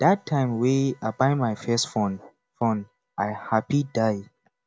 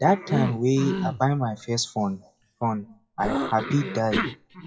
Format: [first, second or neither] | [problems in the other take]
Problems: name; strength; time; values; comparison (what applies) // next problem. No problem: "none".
first | noise reduction (classical method WPE with log-MMSE)